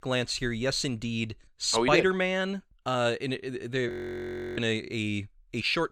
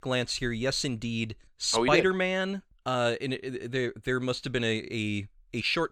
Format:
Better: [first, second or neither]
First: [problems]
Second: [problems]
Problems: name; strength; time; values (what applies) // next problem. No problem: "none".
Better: second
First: audio freezing; at 4 s for 0.5 s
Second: none